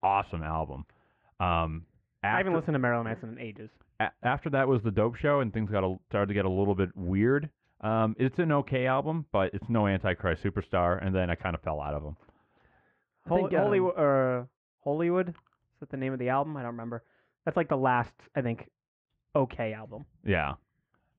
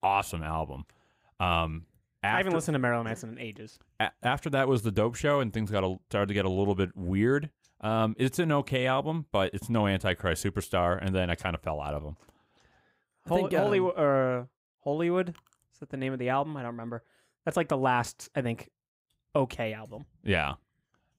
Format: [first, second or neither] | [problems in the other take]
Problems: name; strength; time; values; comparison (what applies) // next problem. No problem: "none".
second | muffled; very; fading above 2.5 kHz